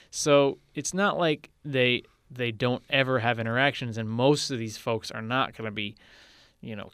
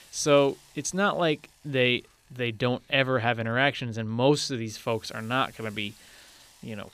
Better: first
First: none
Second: hiss; faint; throughout; 30 dB below the speech

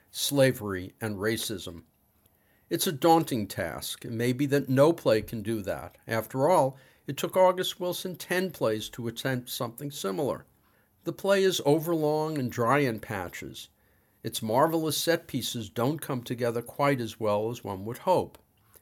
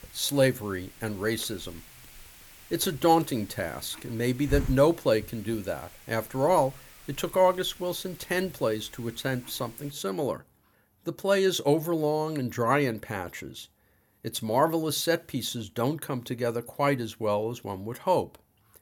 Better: first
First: none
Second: hiss; noticeable; until 10 s; 15 dB below the speech

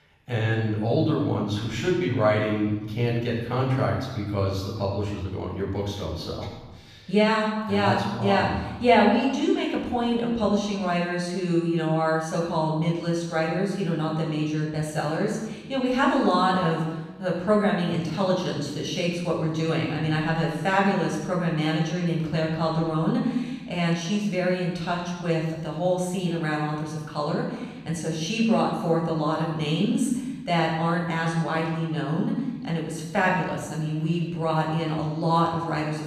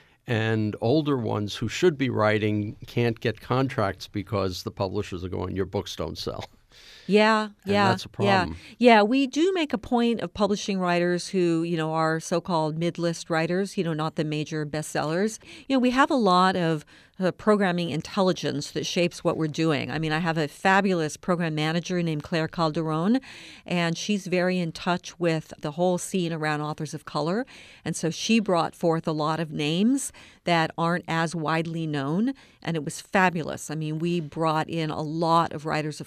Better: second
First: off-mic speech; far // room echo; noticeable; dies away in 1.1 s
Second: none

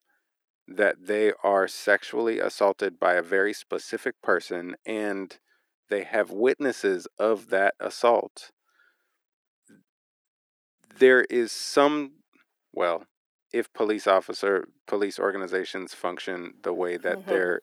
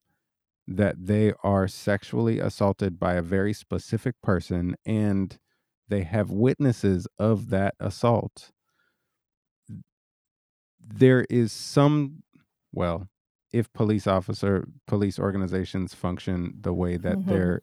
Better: second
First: thin; very; fading below 350 Hz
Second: none

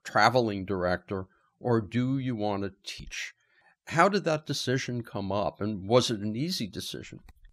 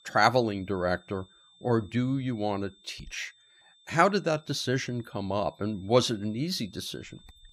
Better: first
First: none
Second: high-pitched whine; faint; throughout; 3.5 kHz, 30 dB below the speech

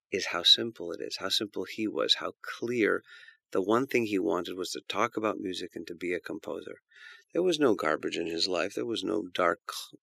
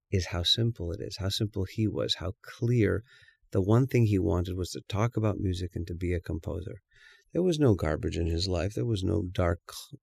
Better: second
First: thin; somewhat; fading below 300 Hz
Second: none

